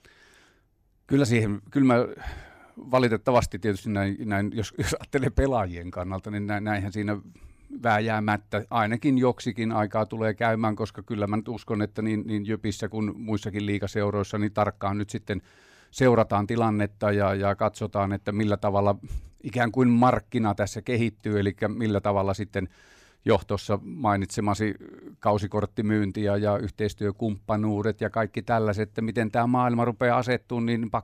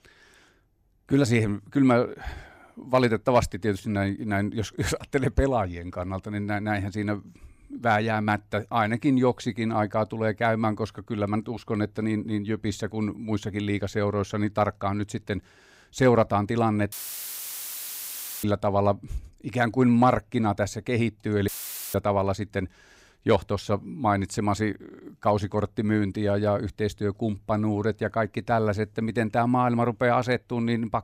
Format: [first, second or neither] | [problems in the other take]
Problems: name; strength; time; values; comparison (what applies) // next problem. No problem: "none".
first | audio cutting out; filled with static; at 17 s for 1.5 s and at 21 s